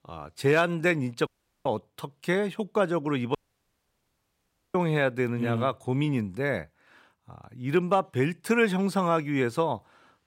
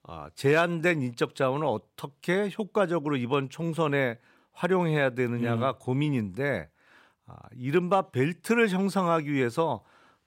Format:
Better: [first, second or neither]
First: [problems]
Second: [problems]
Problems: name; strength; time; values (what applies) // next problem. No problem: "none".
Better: second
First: audio cutting out; at 1.5 s and at 3.5 s for 1.5 s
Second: none